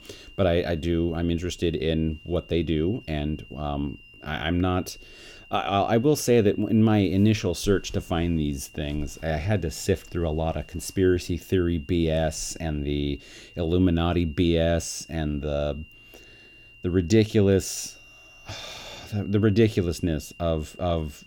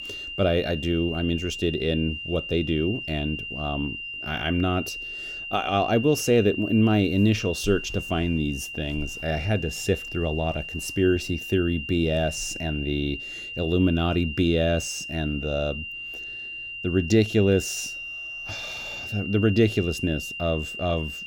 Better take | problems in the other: first | high-pitched whine; loud; throughout; 3 kHz, 8 dB below the speech; faint in the first

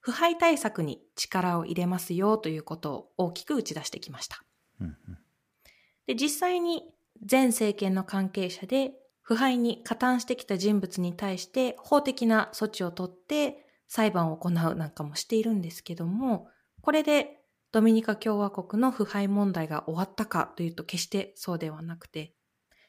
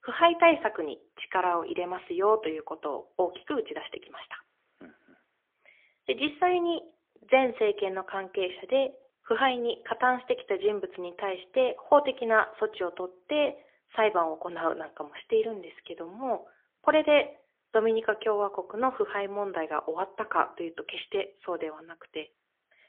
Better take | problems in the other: first | phone-call audio; poor line; nothing above 3.5 kHz

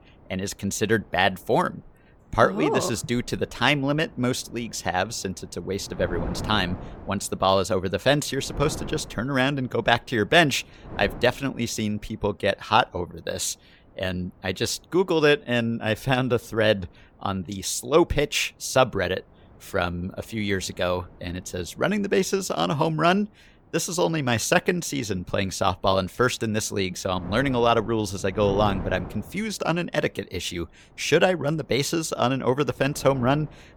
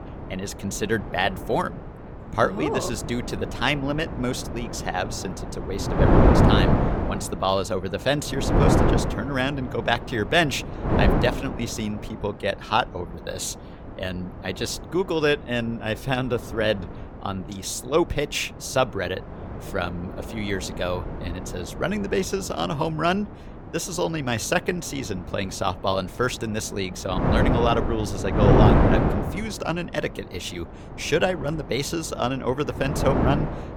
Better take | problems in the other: first | wind noise on the microphone; heavy; 2 dB below the speech; occasional gusts in the first

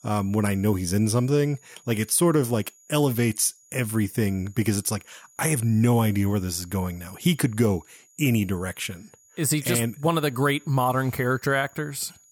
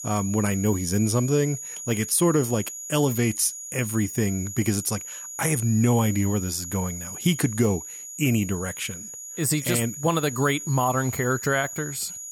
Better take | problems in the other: first | high-pitched whine; loud; throughout; 7 kHz, 9 dB below the speech; faint in the first

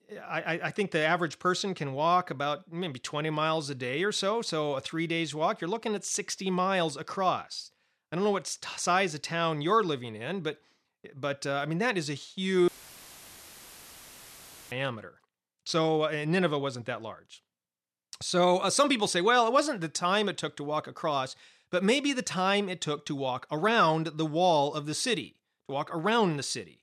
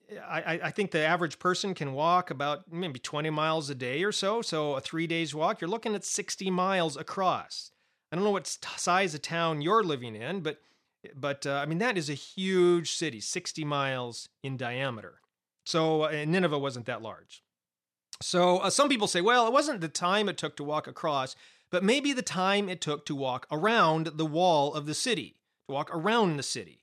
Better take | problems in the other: second | audio cutting out; filled with static; at 13 s for 2 s

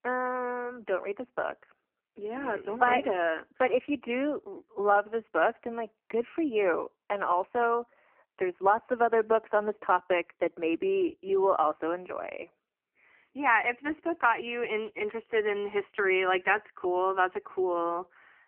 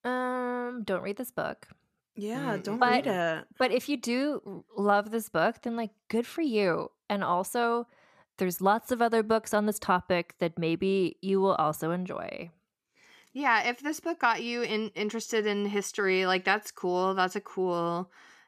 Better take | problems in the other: second | phone-call audio; poor line; nothing above 3 kHz

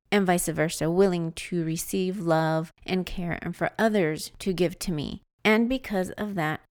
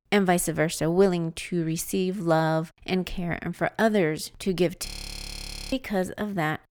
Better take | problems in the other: first | audio freezing; at 5 s for 1 s

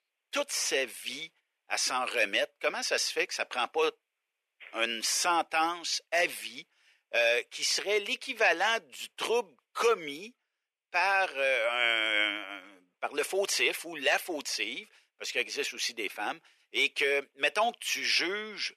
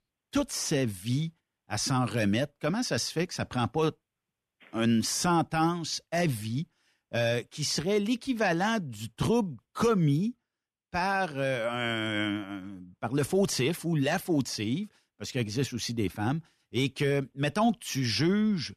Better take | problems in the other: second | thin; very; fading below 450 Hz

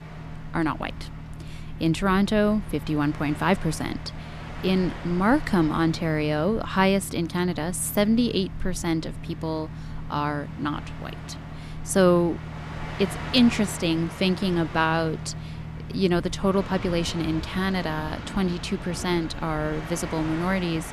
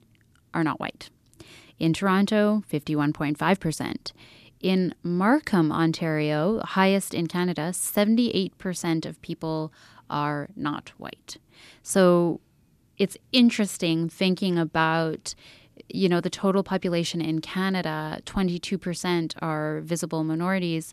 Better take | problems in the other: second | train or aircraft noise; noticeable; throughout; 10 dB below the speech

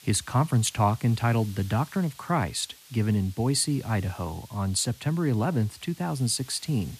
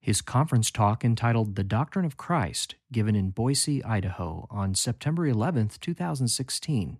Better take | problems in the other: second | hiss; faint; throughout; 20 dB below the speech

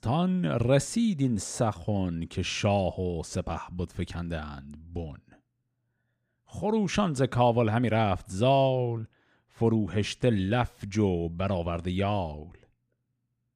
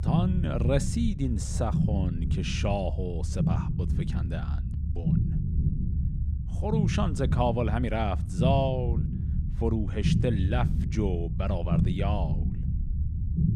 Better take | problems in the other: first | low rumble; loud; throughout; 8 dB below the speech

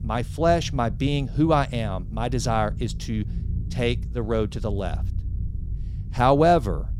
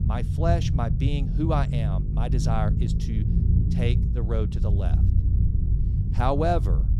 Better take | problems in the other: first | low rumble; loud; throughout; 8 dB below the speech; faint in the first

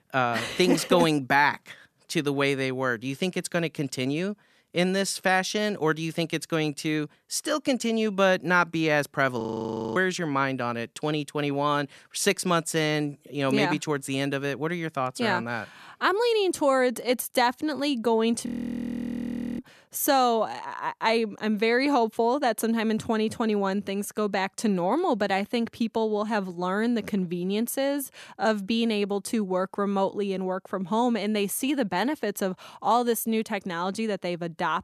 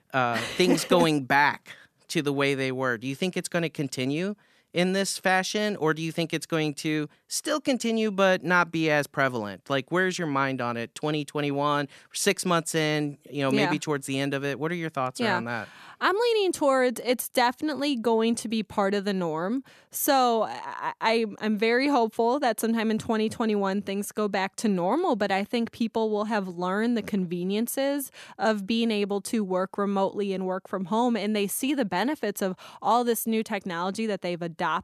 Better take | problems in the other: second | audio freezing; at 9.5 s for 0.5 s and at 18 s for 1 s

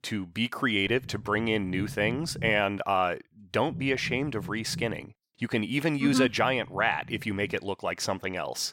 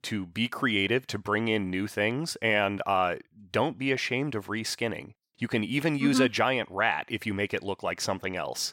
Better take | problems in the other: second | low rumble; faint; from 1 to 2.5 s, from 3.5 to 5 s and from 6 to 7.5 s; 25 dB below the speech

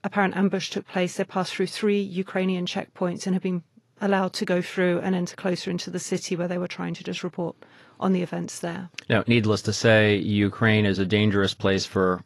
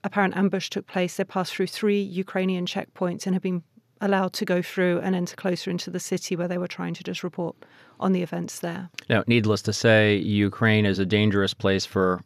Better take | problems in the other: second | garbled, watery; slightly; nothing above 11.5 kHz

